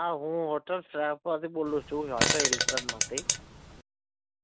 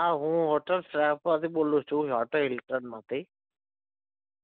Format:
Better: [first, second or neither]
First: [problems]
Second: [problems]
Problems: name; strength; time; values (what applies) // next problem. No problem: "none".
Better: second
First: background sound (Fart); 3 dB above the speech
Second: none